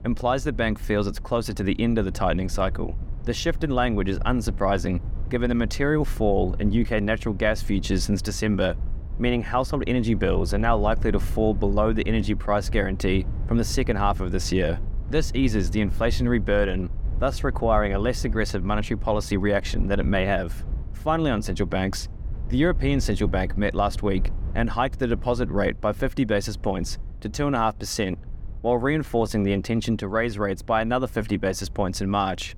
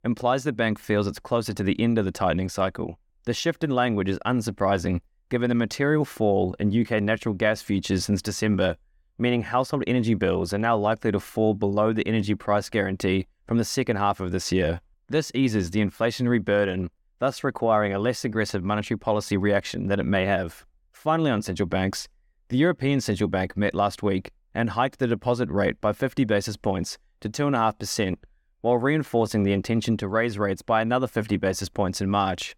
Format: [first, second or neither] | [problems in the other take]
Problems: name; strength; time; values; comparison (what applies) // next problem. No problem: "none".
second | low rumble; faint; throughout; 25 dB below the speech